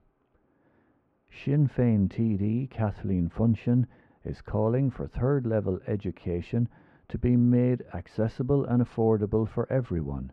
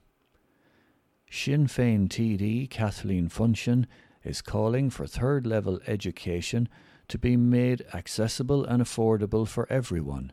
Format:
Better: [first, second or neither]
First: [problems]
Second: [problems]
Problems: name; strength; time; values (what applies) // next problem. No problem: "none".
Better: second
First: muffled; very; fading above 3.5 kHz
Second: none